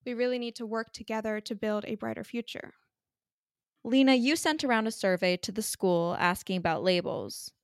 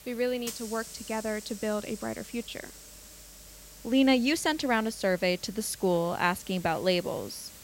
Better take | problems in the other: first | hiss; noticeable; throughout; 15 dB below the speech

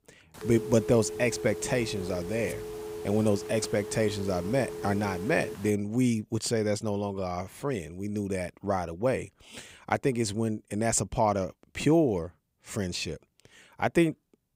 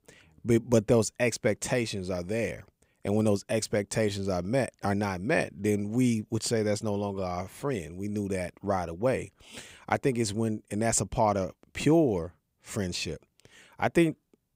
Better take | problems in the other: second | phone ringing; noticeable; until 5.5 s; peak 8 dB below the speech

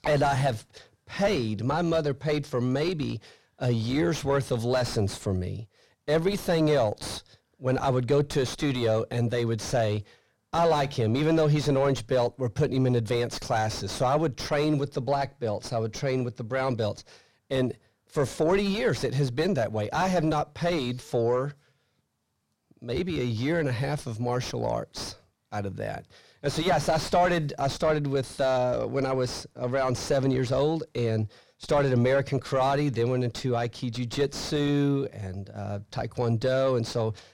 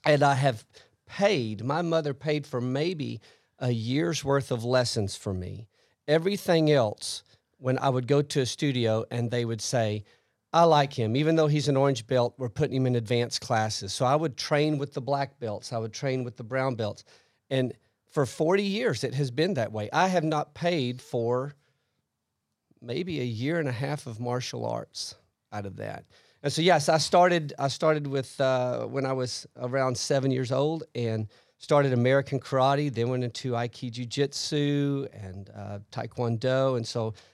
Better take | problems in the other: second | distortion; heavy; 5 dB below the speech

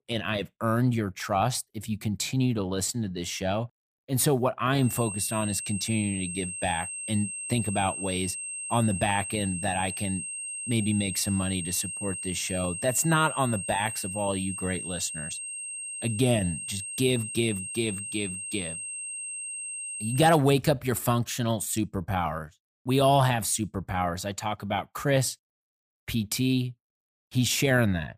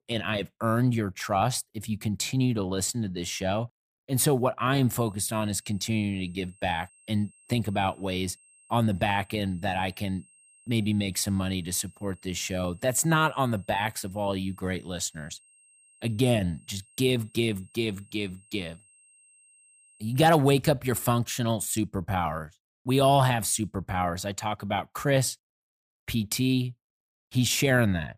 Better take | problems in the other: second | high-pitched whine; loud; from 5 to 20 s; 8.5 kHz, 5 dB below the speech; faint in the second

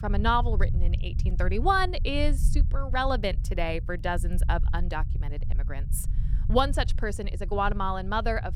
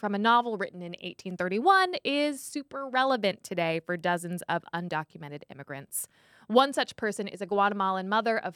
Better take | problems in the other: second | low rumble; faint; throughout; 20 dB below the speech

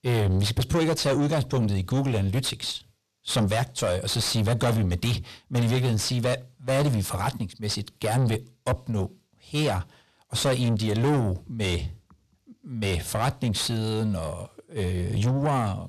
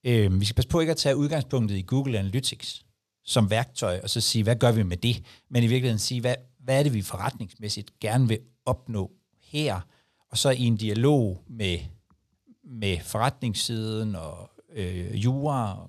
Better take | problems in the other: second | distortion; heavy; 6 dB below the speech

